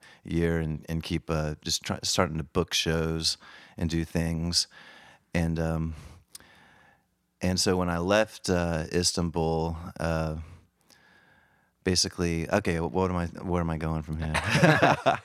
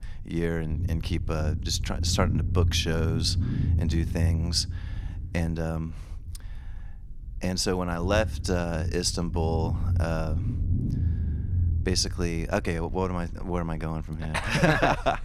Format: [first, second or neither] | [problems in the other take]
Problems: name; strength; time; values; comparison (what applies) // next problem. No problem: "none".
first | low rumble; noticeable; throughout; 15 dB below the speech